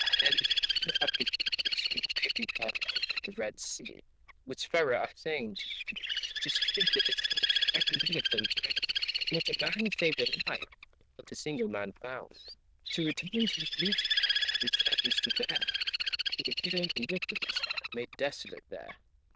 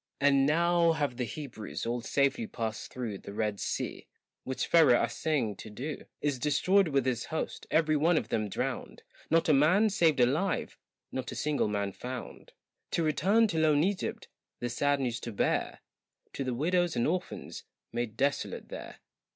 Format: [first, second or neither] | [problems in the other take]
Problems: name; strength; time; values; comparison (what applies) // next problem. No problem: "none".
second | noise reduction (neural diffusion model UNIVERSE++)